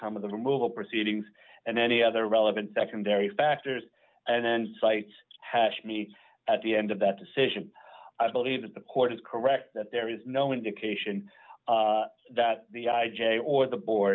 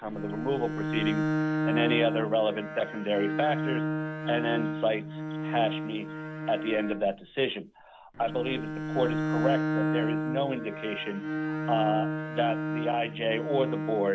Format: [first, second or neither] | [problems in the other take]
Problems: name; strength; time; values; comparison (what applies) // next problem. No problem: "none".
first | background sound (Bowed string instrument); 1 dB below the speech